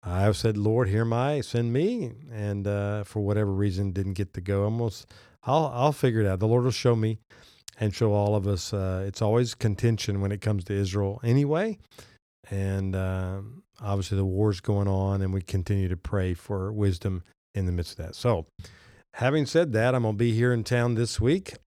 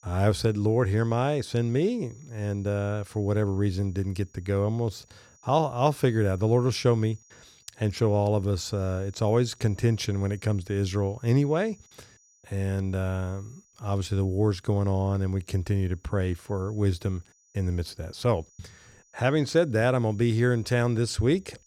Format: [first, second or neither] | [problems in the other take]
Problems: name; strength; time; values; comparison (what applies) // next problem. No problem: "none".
first | high-pitched whine; faint; throughout; 6 kHz, 30 dB below the speech